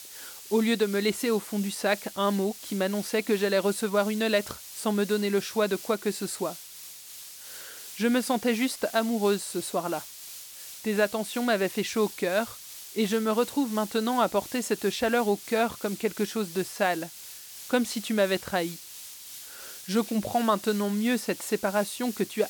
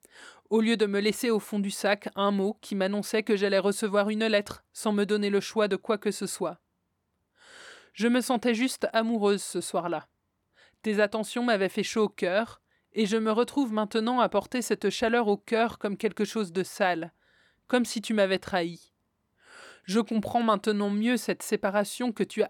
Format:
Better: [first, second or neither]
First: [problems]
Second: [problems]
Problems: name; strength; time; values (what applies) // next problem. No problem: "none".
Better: second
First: hiss; noticeable; throughout; 15 dB below the speech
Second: none